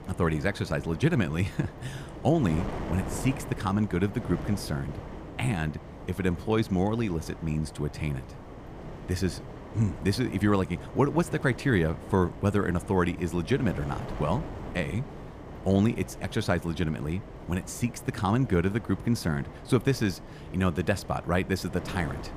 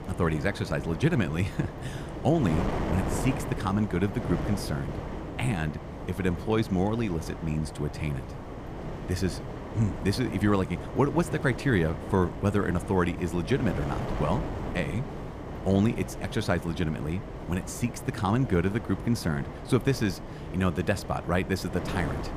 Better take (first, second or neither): first